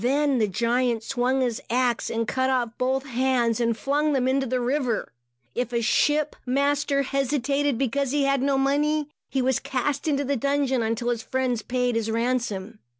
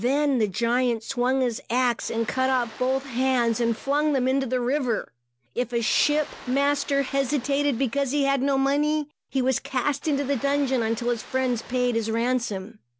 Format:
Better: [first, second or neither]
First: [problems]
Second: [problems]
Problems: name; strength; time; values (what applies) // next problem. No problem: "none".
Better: first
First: none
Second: background sound (Ocean); 20 dB below the speech